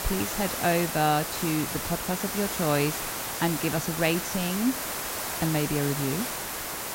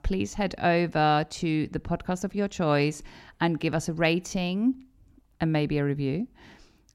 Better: second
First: hiss; loud; throughout; 2 dB below the speech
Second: none

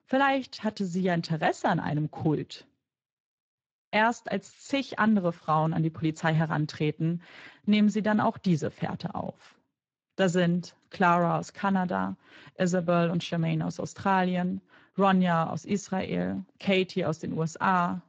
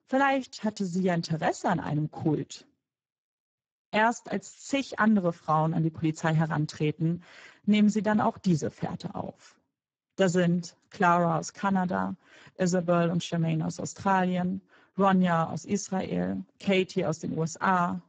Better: first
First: garbled, watery; slightly; nothing above 7.5 kHz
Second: garbled, watery; badly; nothing above 7.5 kHz

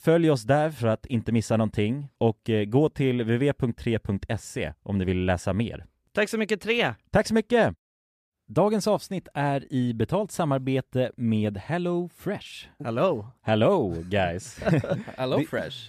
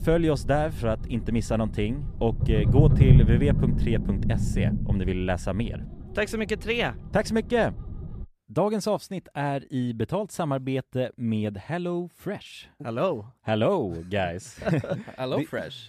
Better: first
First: none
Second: low rumble; loud; until 8 s; 5 dB below the speech

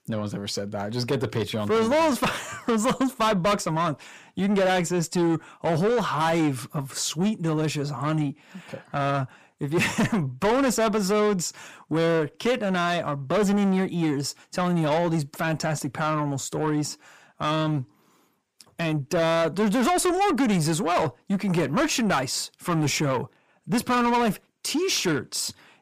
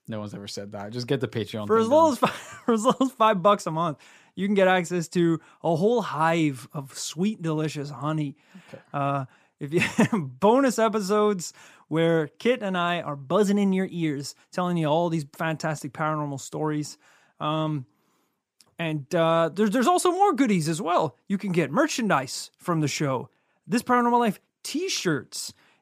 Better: second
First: distortion; heavy; 7 dB below the speech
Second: none

